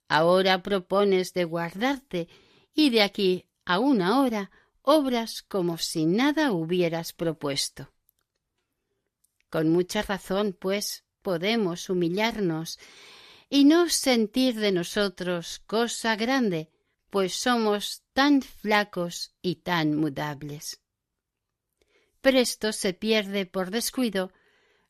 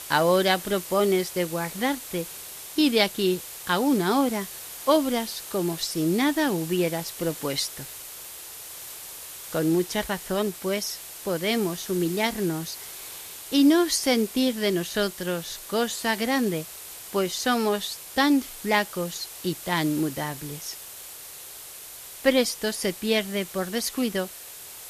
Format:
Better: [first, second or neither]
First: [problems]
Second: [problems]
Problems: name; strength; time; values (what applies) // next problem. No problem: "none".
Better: first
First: none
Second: hiss; noticeable; throughout; 10 dB below the speech